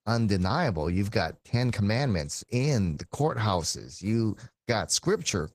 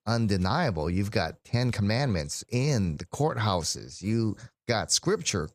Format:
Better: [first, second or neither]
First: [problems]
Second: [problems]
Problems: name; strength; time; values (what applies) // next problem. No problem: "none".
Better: second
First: garbled, watery; slightly; nothing above 14.5 kHz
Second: none